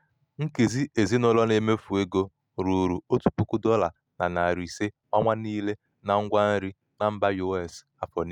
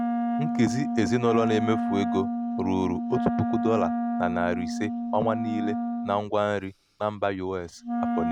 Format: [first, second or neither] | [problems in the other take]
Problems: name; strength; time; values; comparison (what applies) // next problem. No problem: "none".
first | background sound (Wind instrument, woodwind instrument); as loud as the speech